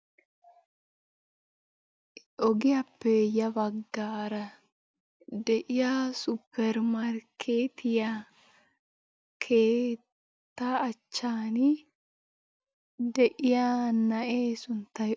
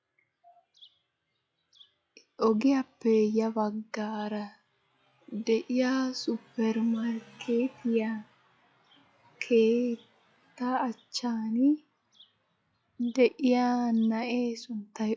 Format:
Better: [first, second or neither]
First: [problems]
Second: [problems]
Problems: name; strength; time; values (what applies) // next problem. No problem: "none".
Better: first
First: none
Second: noise reduction (classical method log-MMSE)